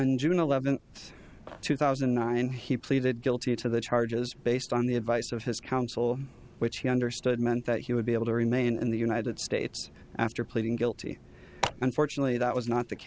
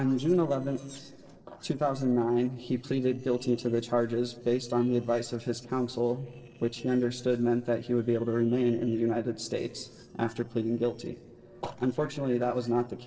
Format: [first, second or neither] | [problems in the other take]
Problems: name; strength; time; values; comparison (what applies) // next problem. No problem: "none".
first | noise reduction (neural separator model SepFormer DNS4)